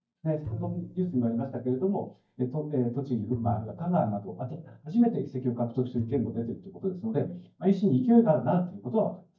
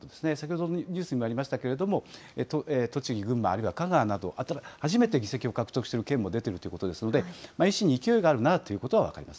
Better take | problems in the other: second | noise reduction (neural mask model DeepFilterNet 3)

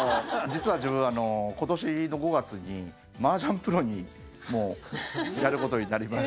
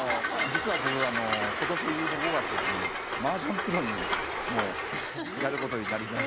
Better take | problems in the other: first | background sound (Train); 2 dB above the speech

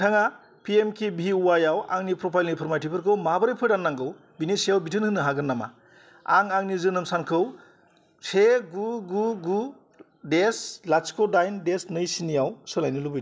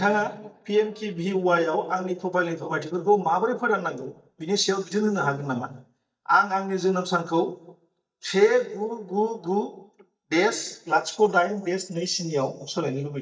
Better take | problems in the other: first | noise reduction (neural mask model DeepFilterNet 3)

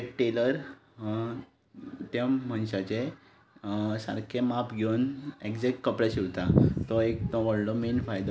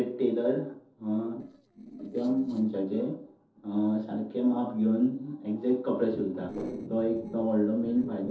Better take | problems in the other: first | noise reduction (neural separator model SepFormer DNS4)

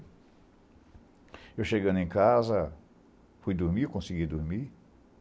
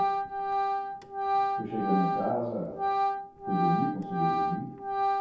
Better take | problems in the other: first | background sound (Organ); 4 dB above the speech // room echo; dies away in 0.8 s

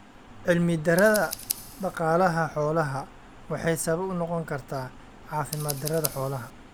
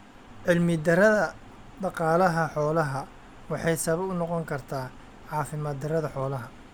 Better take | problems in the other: second | background sound (Scissors); 14 dB below the speech

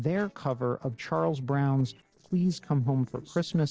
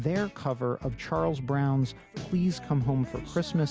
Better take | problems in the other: second | noise reduction (neural separator model SepFormer DNS4)

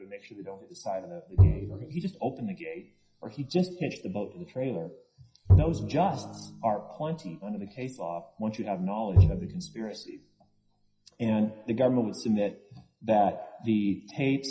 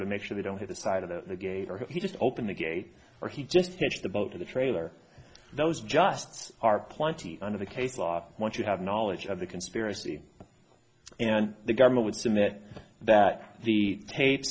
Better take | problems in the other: second | noise reduction (classical method WPE with log-MMSE)

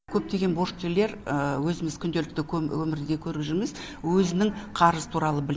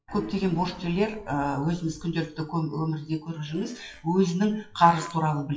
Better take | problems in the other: first | noise reduction (classical method WPE with log-MMSE)

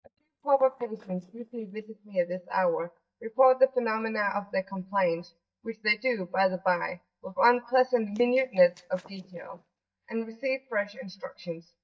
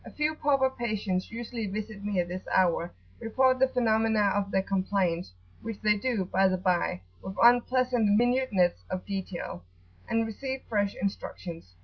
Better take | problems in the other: second | noise reduction (neural mask model DeepFilterNet 3)

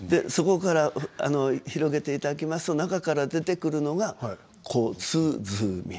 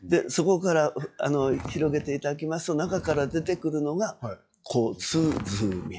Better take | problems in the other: first | noise reduction (classical method log-MMSE)

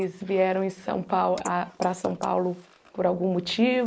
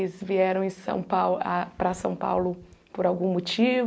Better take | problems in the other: second | noise reduction (neural mask model Resemble Enhance denoiser)

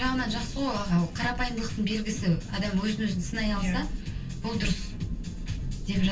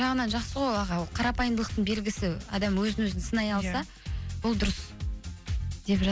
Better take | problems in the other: second | background sound (Thunder); 7 dB below the speech // room echo; dies away in 0.2 s

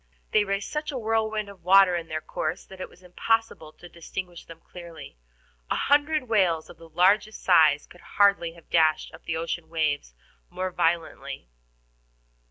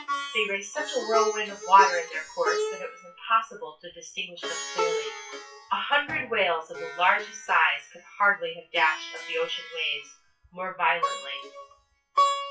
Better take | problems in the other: first | noise reduction (classical method WPE with log-MMSE)

